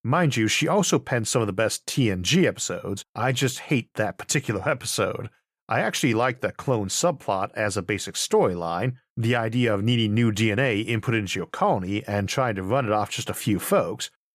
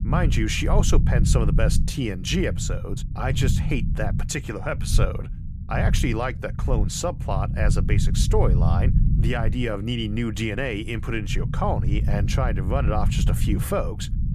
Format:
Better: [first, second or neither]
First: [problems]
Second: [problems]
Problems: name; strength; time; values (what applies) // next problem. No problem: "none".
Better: first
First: none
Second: low rumble; loud; throughout; 9 dB below the speech